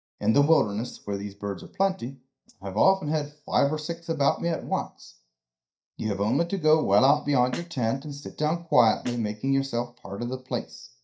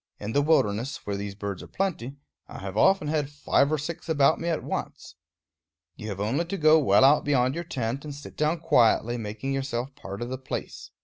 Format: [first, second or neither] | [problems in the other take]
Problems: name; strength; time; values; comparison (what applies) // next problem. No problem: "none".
second | noise reduction (neural mask model DeepFilterNet 3)